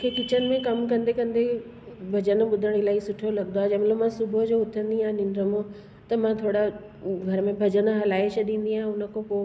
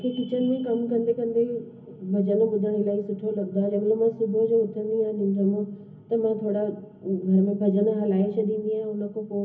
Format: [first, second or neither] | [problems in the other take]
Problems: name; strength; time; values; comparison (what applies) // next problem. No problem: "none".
first | room echo; dies away in 0.3 s